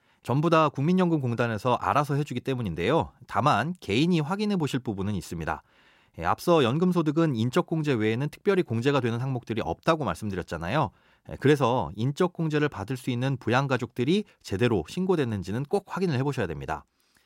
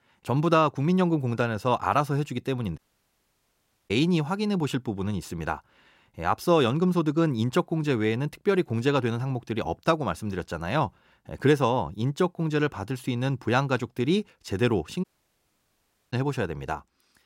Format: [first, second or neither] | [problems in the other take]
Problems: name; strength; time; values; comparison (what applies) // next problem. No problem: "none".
first | audio cutting out; at 3 s for 1 s and at 15 s for 1 s